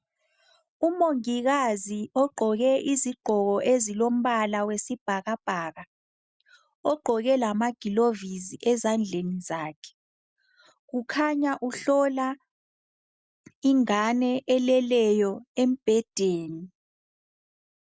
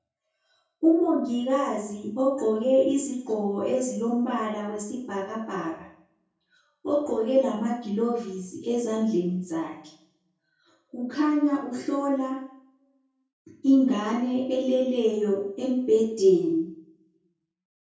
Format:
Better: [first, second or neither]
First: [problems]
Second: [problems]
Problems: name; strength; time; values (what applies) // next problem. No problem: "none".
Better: first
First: none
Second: room echo; dies away in 0.6 s